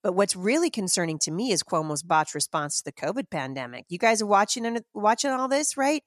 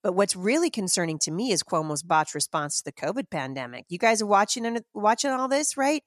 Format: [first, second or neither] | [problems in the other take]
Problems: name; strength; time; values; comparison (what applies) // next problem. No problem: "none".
neither | none